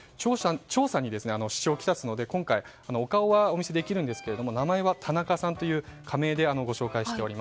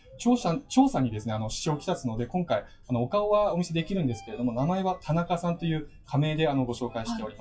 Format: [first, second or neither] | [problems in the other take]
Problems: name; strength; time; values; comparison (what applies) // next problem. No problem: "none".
first | noise reduction (classical method WPE with log-MMSE)